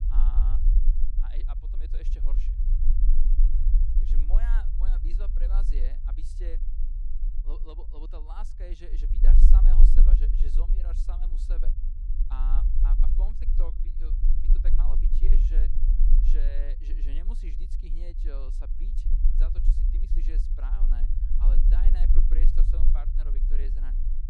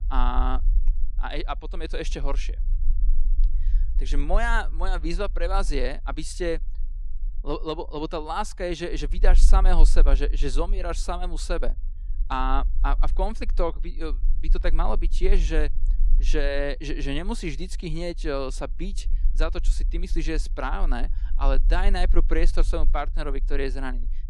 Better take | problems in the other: second | low rumble; loud; throughout; 2 dB below the speech; faint in the second

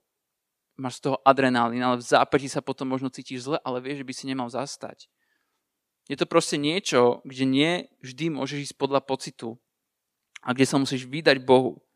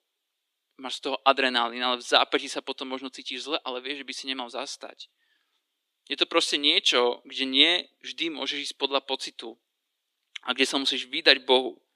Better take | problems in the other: first | thin; very slightly; fading below 300 Hz

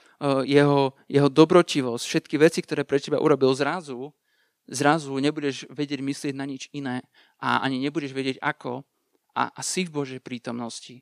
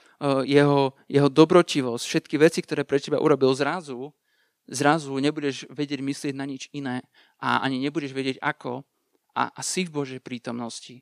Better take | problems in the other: neither | none

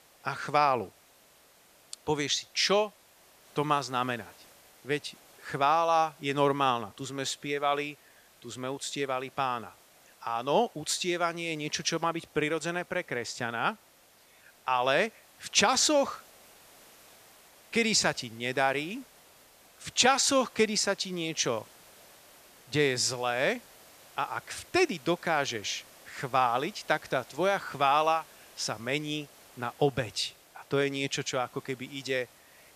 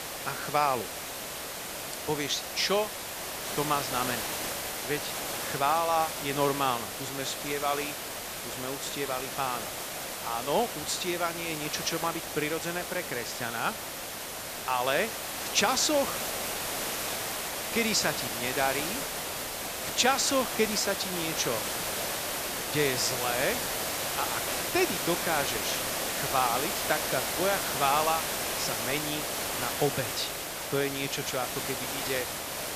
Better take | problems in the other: first | hiss; loud; throughout; 2 dB below the speech; faint in the first

